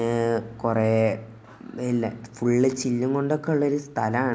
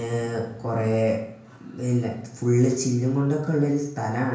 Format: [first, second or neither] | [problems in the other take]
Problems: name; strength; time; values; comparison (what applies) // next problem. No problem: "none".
first | room echo; dies away in 0.5 s